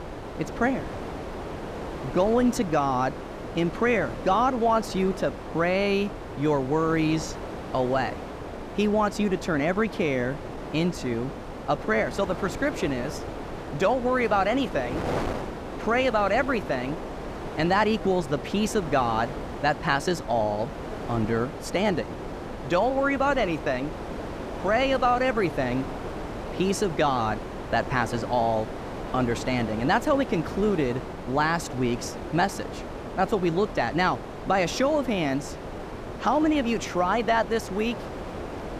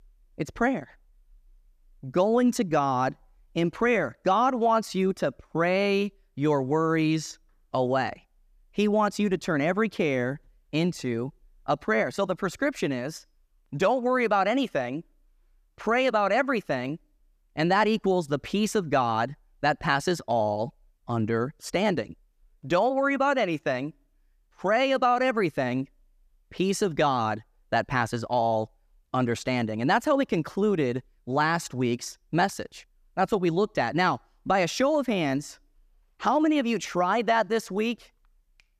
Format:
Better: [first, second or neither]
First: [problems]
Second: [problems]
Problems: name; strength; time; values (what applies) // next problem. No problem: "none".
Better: second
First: wind noise on the microphone; occasional gusts; 10 dB below the speech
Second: none